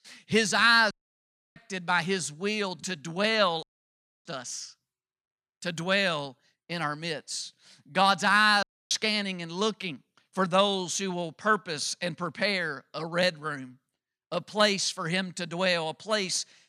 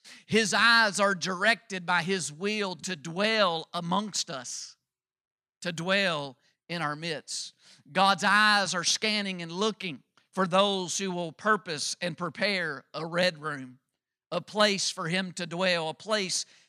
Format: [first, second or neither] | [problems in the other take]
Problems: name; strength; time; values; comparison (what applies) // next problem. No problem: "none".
second | audio cutting out; at 1 s for 0.5 s, at 3.5 s for 0.5 s and at 8.5 s